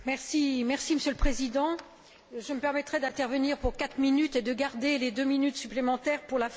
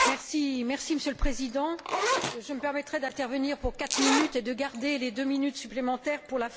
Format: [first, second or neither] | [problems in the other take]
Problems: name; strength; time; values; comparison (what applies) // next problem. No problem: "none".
first | background sound (Zipper (clothing)); 4 dB below the speech